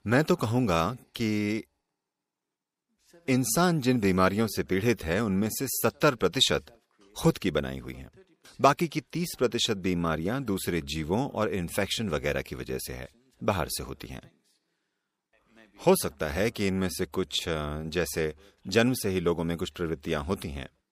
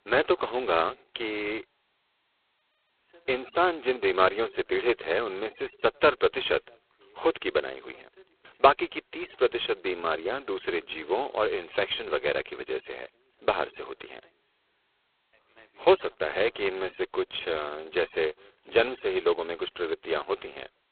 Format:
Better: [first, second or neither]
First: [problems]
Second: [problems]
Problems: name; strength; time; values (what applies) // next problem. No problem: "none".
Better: first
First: none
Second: phone-call audio; poor line; nothing above 4 kHz